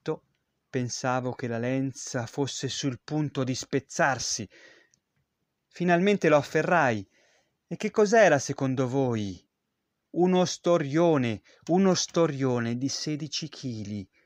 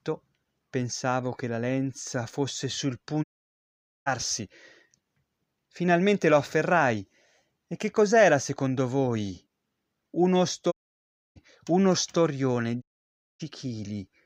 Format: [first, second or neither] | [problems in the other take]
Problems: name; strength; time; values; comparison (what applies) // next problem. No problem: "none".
first | audio cutting out; at 3 s for 1 s, at 11 s for 0.5 s and at 13 s for 0.5 s